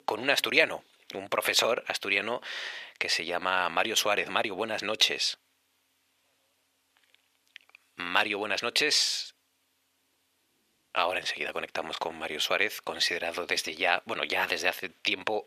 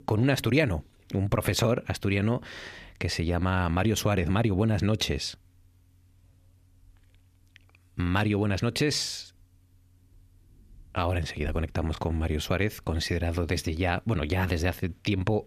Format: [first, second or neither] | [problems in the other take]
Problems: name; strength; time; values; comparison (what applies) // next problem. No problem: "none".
second | thin; very; fading below 650 Hz